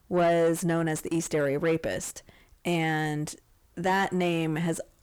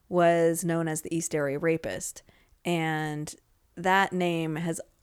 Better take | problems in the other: second | distortion; slight; 10 dB below the speech

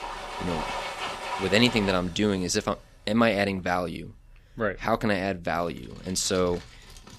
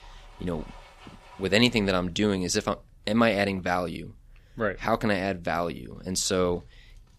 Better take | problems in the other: second | household noises; loud; throughout; 8 dB below the speech; faint in the second

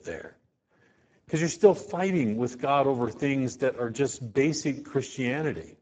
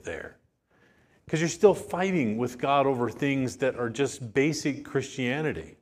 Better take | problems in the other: second | garbled, watery; badly; nothing above 7.5 kHz

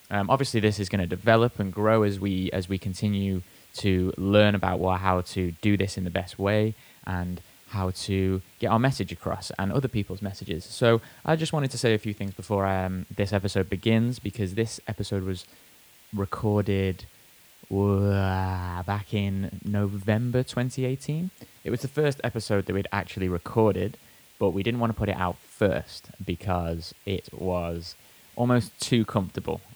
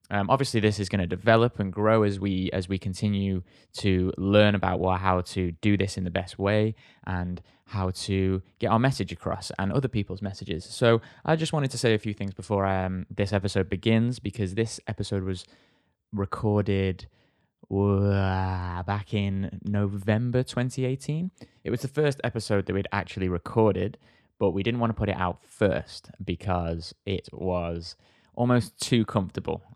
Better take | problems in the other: second | hiss; faint; throughout; 25 dB below the speech

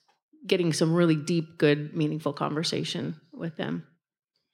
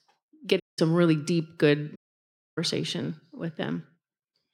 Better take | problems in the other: first | audio cutting out; at 0.5 s and at 2 s for 0.5 s

